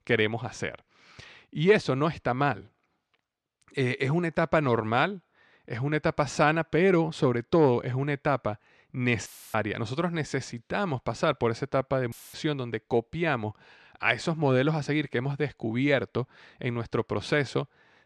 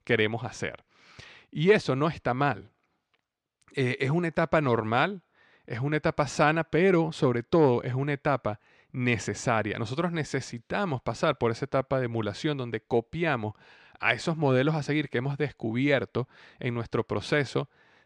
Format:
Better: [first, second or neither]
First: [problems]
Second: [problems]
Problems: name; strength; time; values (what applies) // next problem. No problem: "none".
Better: second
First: audio cutting out; filled with static; at 9.5 s and at 12 s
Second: none